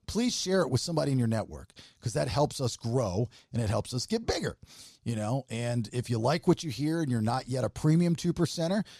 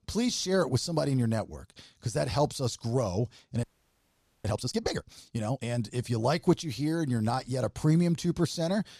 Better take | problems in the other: first | audio freezing; at 3.5 s for 1 s

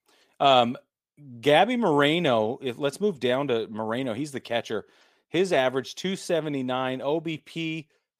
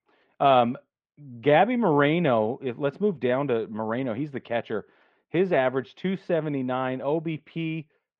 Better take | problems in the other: first | muffled; very; fading above 2.5 kHz

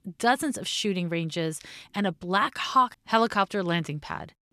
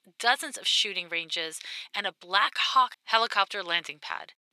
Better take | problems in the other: first | thin; very; fading below 650 Hz

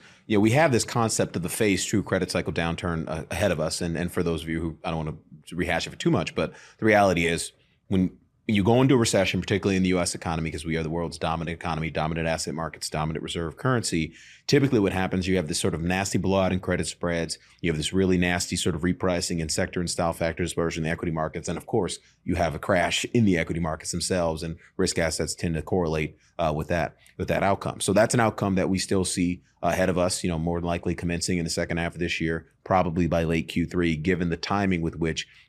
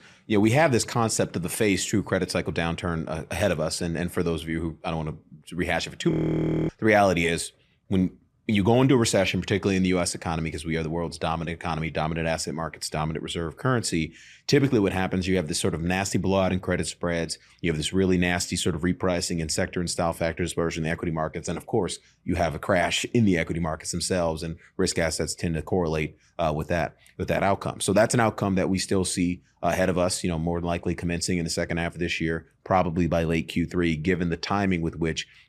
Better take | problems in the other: first | audio freezing; at 6 s for 0.5 s

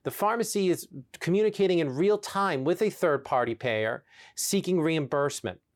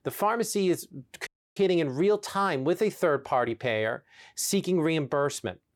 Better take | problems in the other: first | audio cutting out; at 1.5 s

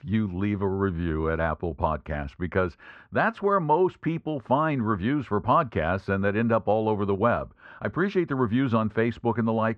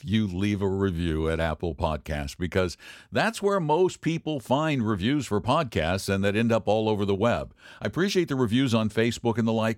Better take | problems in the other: second | muffled; very; fading above 1.5 kHz

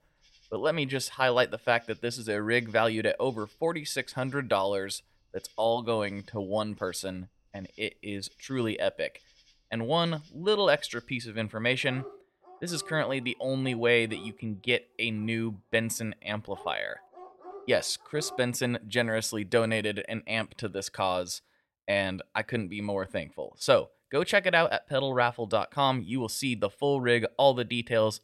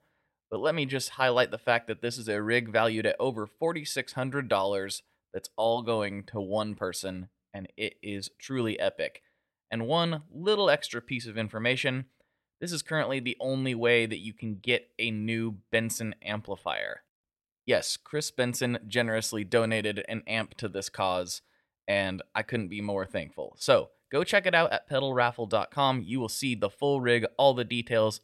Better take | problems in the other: second | animal sounds; faint; until 19 s; 25 dB below the speech

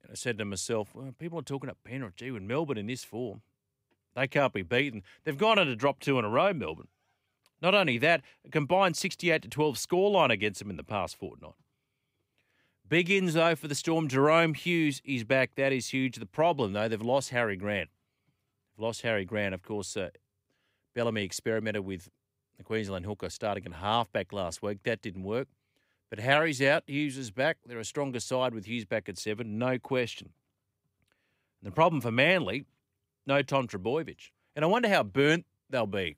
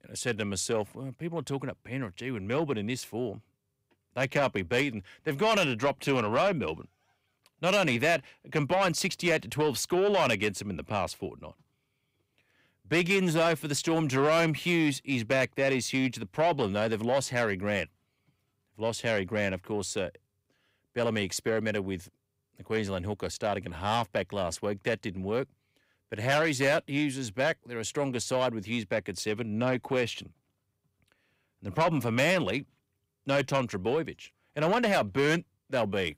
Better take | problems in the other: first | distortion; slight; 10 dB below the speech

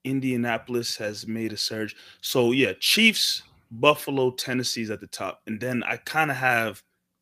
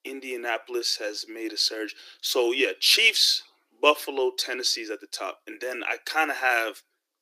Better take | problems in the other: first | thin; very; fading below 300 Hz

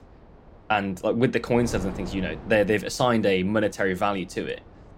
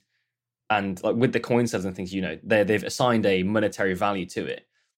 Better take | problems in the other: second | wind noise on the microphone; occasional gusts; 20 dB below the speech

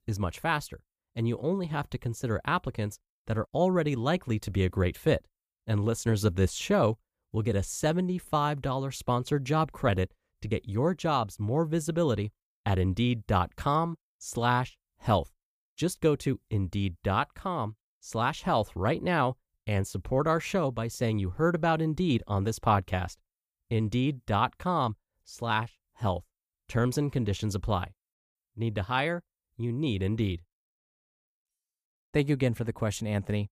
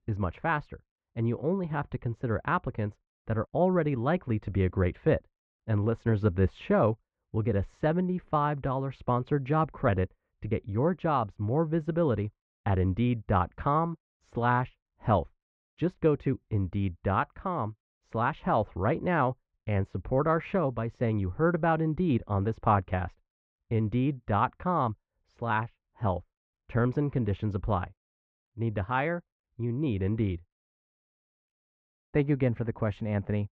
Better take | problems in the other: first | muffled; very; fading above 2 kHz

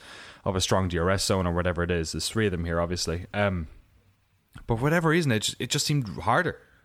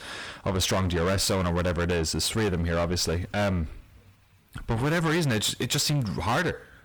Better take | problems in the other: first | distortion; heavy; 7 dB below the speech

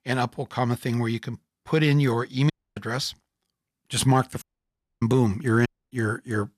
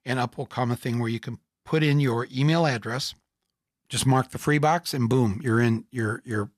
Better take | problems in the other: second | audio cutting out; at 2.5 s, at 4.5 s for 0.5 s and at 5.5 s

